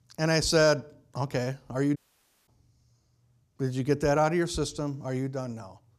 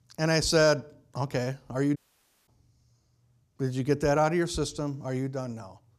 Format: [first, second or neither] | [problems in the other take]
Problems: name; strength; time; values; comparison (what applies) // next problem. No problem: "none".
neither | audio cutting out; at 2 s for 0.5 s; the same in both